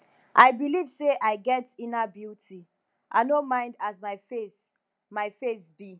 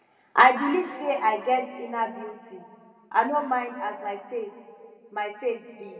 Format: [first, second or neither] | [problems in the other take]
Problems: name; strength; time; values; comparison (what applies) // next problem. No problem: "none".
first | room echo; dies away in 2.1 s